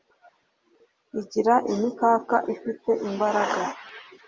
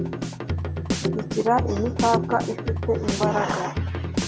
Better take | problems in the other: first | background sound (Drum kit); 1 dB below the speech

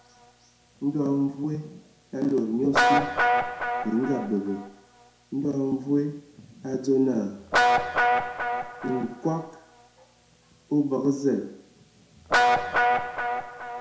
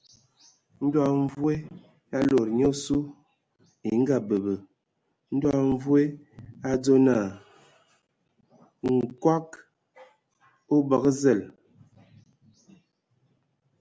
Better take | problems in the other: second | background sound (Guitar); 1 dB above the speech // room echo; dies away in 0.6 s

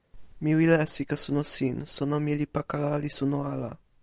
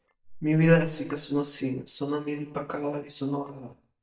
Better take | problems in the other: first | noise reduction (neural mask model DeepFilterNet 3)

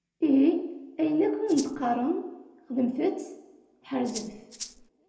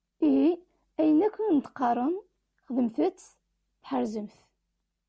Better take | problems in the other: second | background sound (Rattle (instrument)); 14 dB below the speech // room echo; dies away in 0.8 s

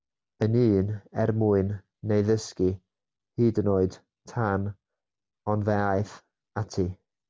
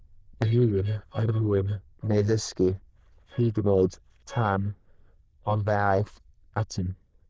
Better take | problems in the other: first | noise reduction (neural diffusion model UNIVERSE++)

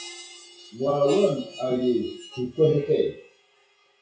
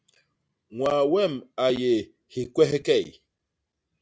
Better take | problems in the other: second | noise reduction (classical method WPE with log-MMSE)

